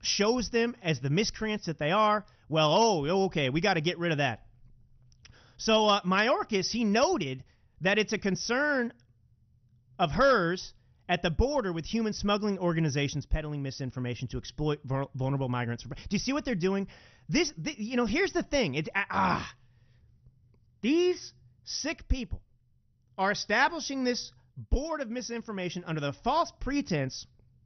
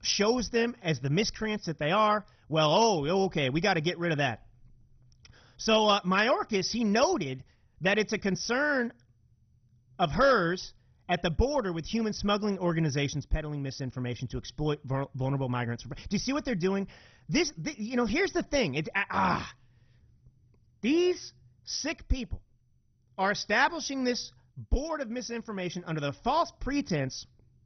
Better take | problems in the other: first | garbled, watery; badly; nothing above 6 kHz; slightly in the first

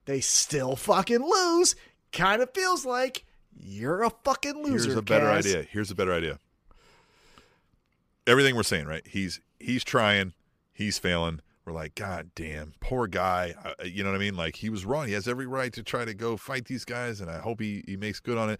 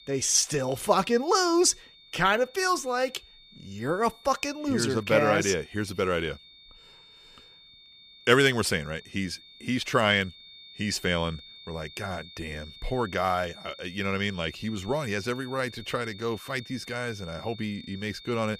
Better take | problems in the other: first | high-pitched whine; noticeable; throughout; 3.5 kHz, 20 dB below the speech

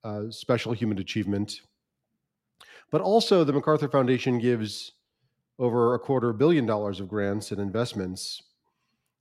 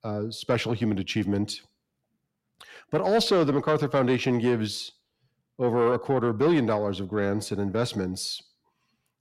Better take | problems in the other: first | distortion; slight; 10 dB below the speech

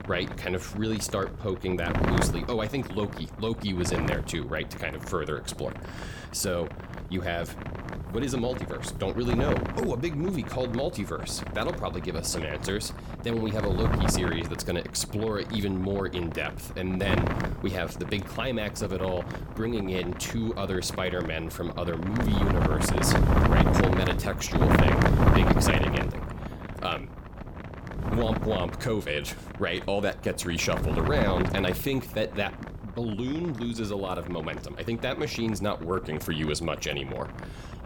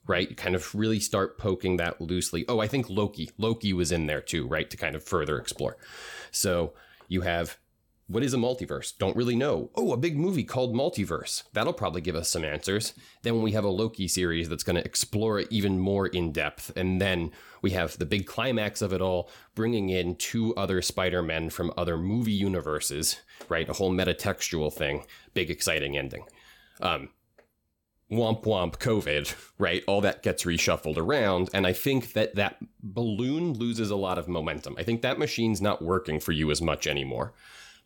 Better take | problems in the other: second | wind noise on the microphone; heavy; 2 dB below the speech

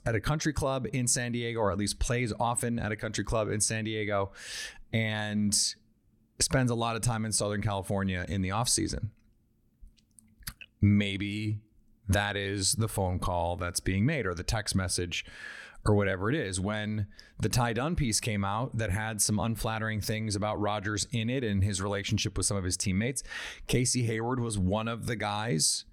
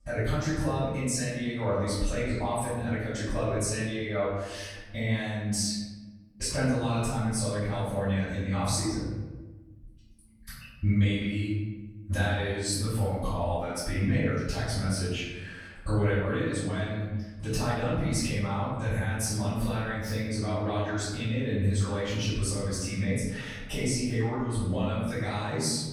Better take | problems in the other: first | off-mic speech; far // room echo; strong; dies away in 1.2 s

